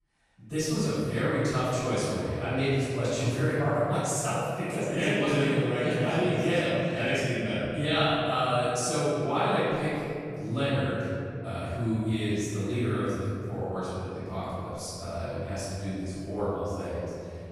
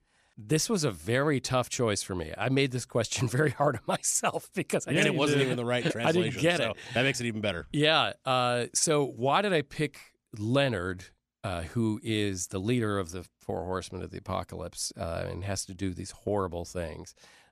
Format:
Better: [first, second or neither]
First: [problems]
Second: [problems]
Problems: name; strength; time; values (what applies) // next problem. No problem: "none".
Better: second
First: off-mic speech; far // room echo; strong; dies away in 2.8 s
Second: none